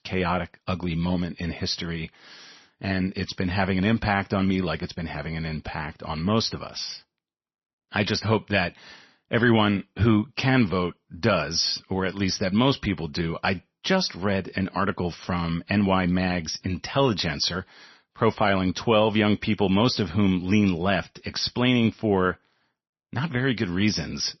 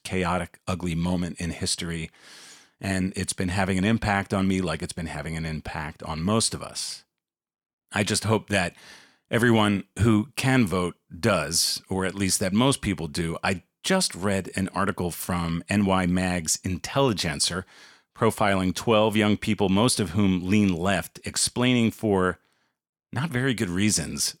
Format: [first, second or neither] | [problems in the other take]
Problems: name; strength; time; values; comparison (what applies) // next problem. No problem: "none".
second | garbled, watery; slightly; nothing above 6 kHz